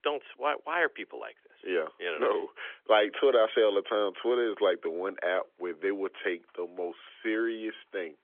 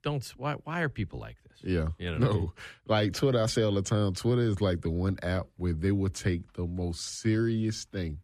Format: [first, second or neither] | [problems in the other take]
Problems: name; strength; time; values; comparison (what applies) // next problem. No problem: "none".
second | phone-call audio; nothing above 3.5 kHz